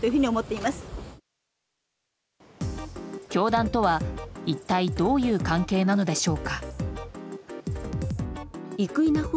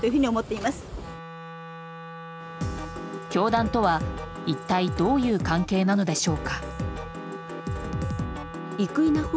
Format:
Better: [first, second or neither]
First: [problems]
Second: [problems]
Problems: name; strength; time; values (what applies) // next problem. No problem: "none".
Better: first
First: none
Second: background sound (Wind instrument, woodwind instrument); 14 dB below the speech